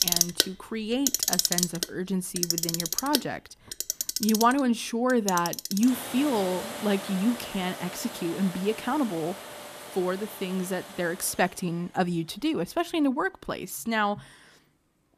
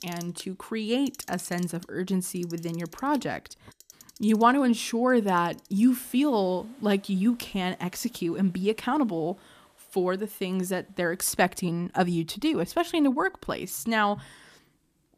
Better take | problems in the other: second | household noises; loud; throughout; 2 dB below the speech; faint in the second

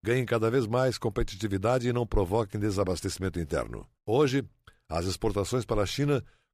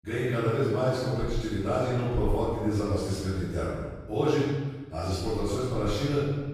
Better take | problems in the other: first | off-mic speech; far // room echo; strong; dies away in 1.2 s

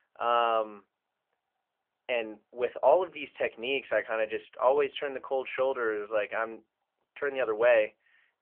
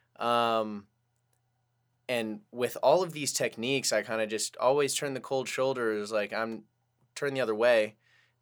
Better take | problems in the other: second | phone-call audio; nothing above 3 kHz

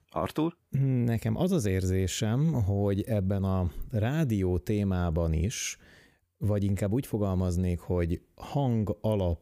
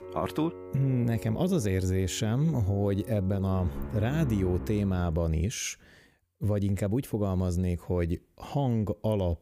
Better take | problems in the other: first | background music; noticeable; until 5 s; 15 dB below the speech

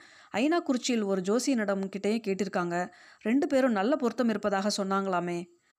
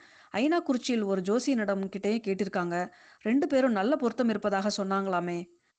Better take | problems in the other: first | garbled, watery; slightly; nothing above 8 kHz

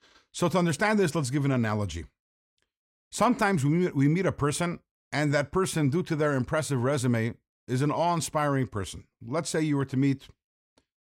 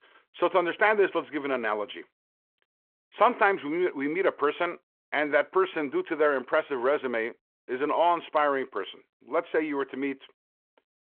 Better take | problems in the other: first | phone-call audio

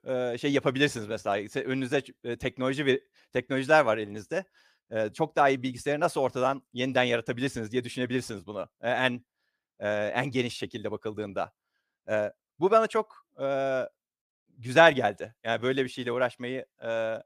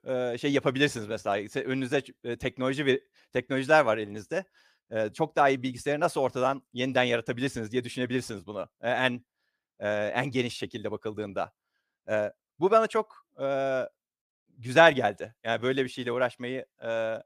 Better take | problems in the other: neither | none

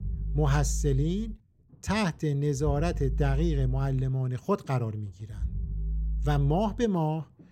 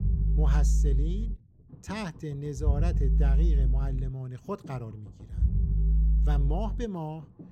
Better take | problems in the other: first | low rumble; loud; throughout; 7 dB below the speech; faint in the first

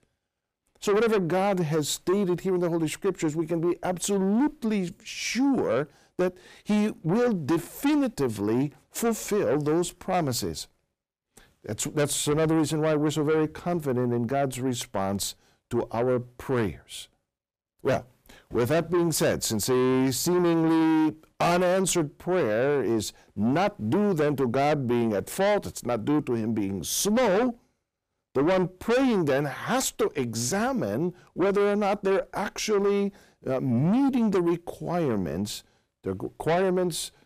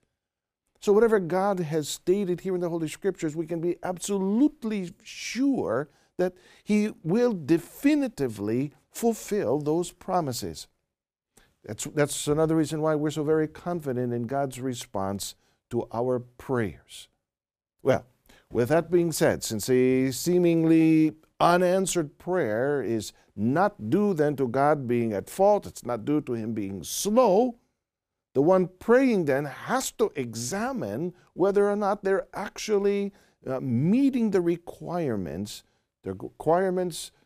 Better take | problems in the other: second | distortion; heavy; 8 dB below the speech

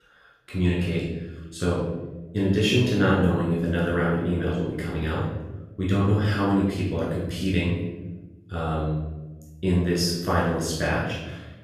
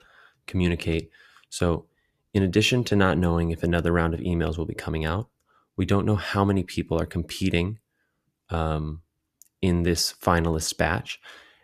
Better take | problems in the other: second | off-mic speech; far // room echo; noticeable; dies away in 1.1 s

